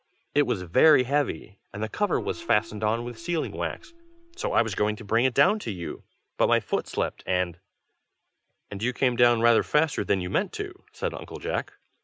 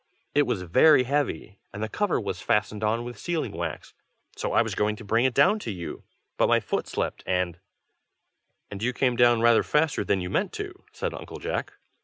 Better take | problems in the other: second | background sound (Gong); 19 dB below the speech

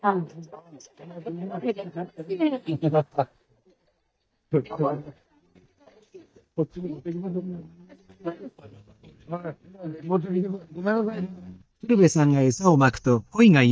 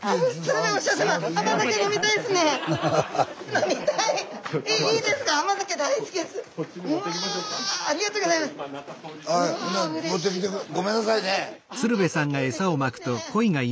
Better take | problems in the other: second | noise reduction (neural mask model DeepFilterNet 3)

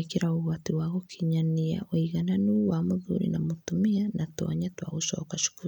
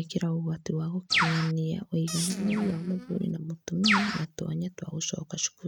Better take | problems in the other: first | noise reduction (neural mask model RNNoise)

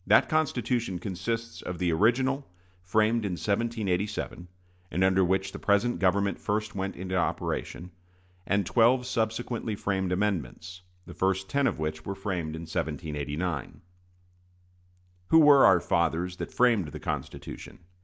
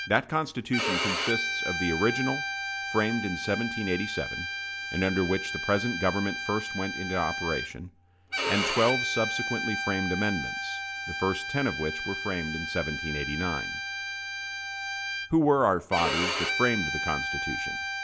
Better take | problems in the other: first | background sound (Bowed string instrument); 2 dB below the speech

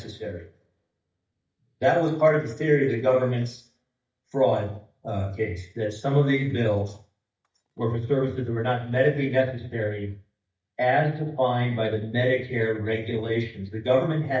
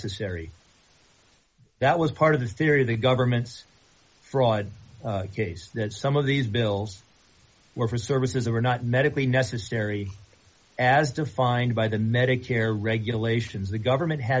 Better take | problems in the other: second | noise reduction (neural mask model DeepFilterNet 3)

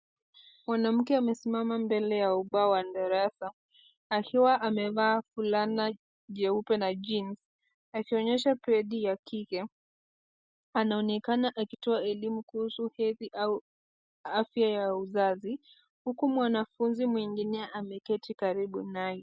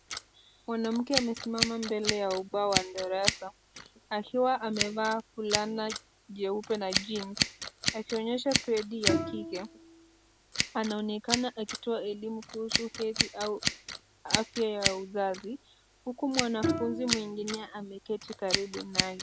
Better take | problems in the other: first | background sound (Scissors + Bowed string instrument); 2 dB below the speech

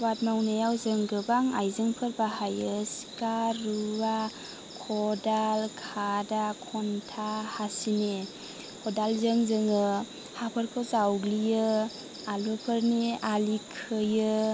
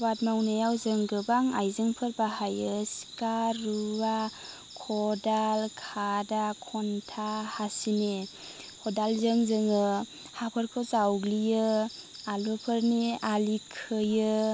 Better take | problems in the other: second | background sound (Rain); 18 dB below the speech

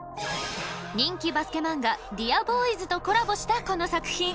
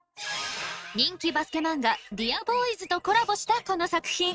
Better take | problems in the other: first | noise reduction (neural mask model RNNoise)

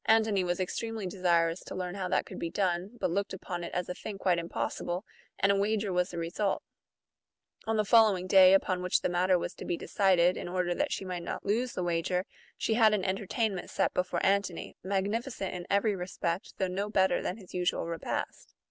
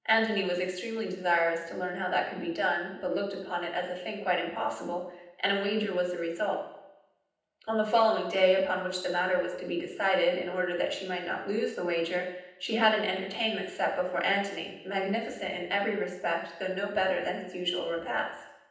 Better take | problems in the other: first | room echo; dies away in 0.9 s

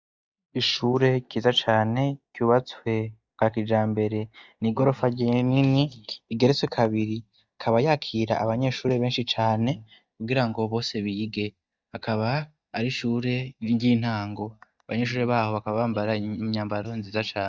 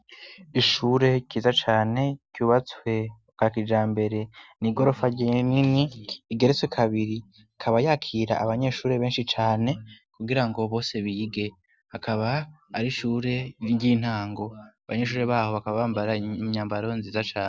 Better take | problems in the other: second | noise reduction (neural mask model DeepFilterNet 3)

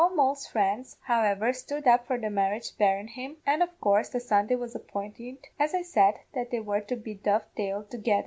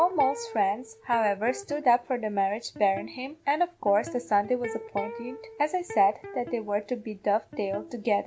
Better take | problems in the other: first | background sound (Electric guitar); 14 dB below the speech

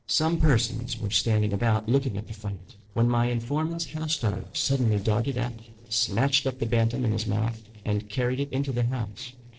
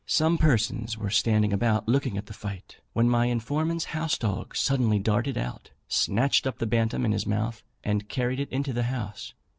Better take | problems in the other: second | noise reduction (neural separator model SepFormer DNS4)

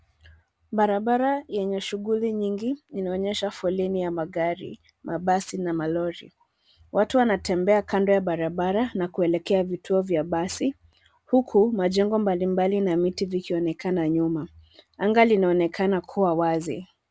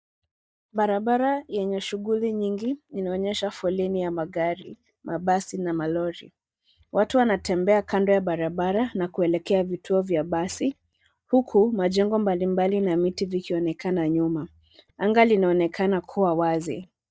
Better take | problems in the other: first | noise reduction (neural mask model DeepFilterNet 3)

